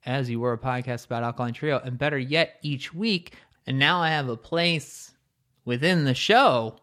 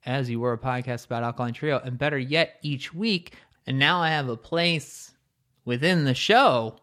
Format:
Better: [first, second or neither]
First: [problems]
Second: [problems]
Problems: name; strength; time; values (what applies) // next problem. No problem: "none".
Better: neither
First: none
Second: none